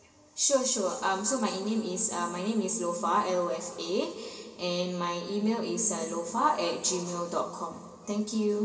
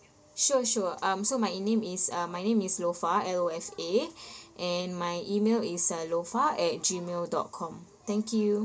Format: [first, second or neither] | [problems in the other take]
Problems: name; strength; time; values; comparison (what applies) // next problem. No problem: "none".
second | room echo; dies away in 2.2 s